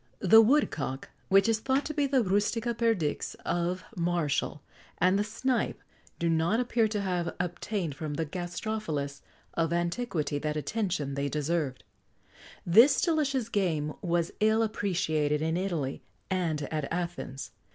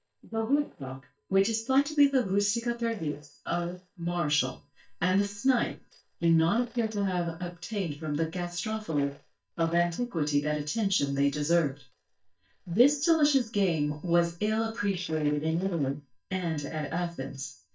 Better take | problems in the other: first | noise reduction (neural mask model DeepFilterNet 3)

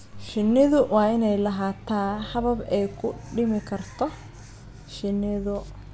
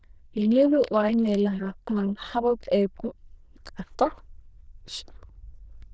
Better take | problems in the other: first | noise reduction (neural diffusion model UNIVERSE++)

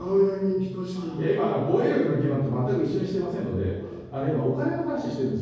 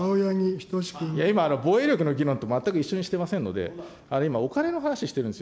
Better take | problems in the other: second | room echo; dies away in 1.3 s

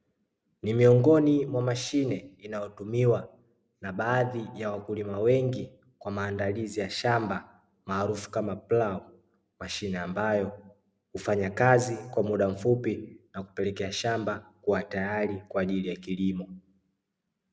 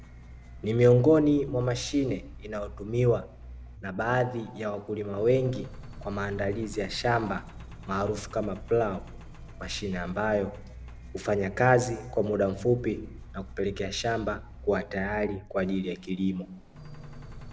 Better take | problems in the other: first | background sound (Engine); 15 dB below the speech

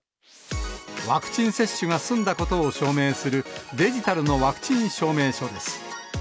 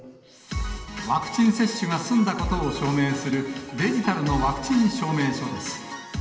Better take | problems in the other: first | room echo; dies away in 2 s

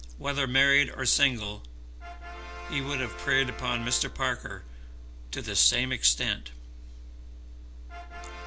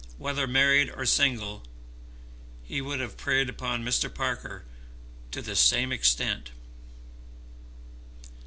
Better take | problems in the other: second | background sound (Brass instrument); 17 dB below the speech

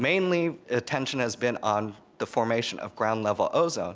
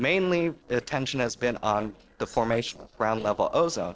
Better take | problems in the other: first | noise reduction (neural separator model SepFormer DNS4)

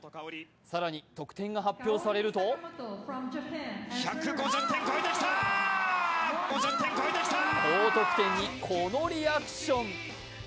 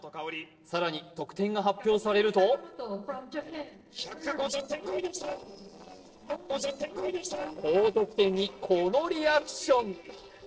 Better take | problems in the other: first | noise reduction (neural separator model SepFormer DNS4)

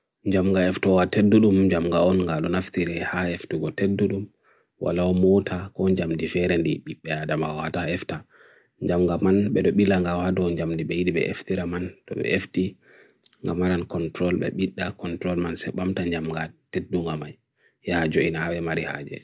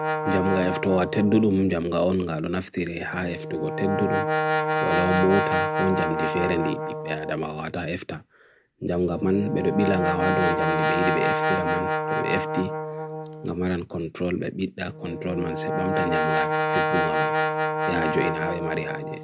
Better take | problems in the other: first | background sound (Brass instrument); as loud as the speech

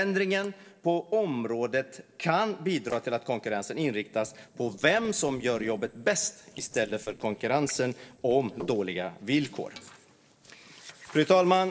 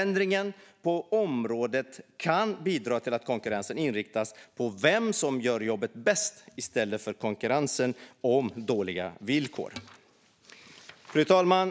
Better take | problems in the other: second | noise reduction (neural separator model SepFormer DNS4)

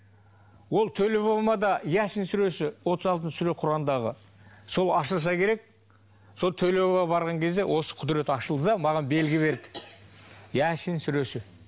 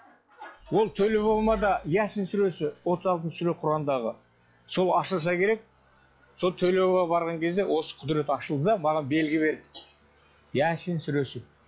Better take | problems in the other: first | noise reduction (classical method log-MMSE)

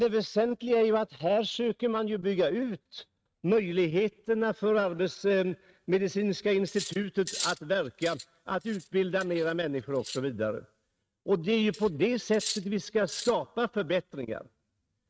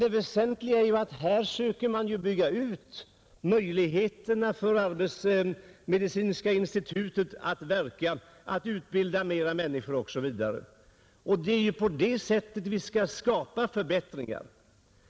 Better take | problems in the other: second | noise reduction (neural mask model RNNoise)

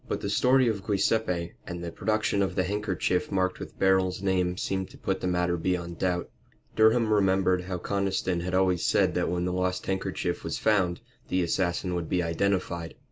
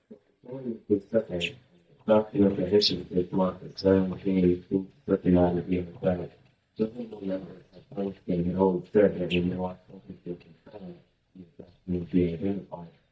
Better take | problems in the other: first | noise reduction (neural mask model DeepFilterNet 3)

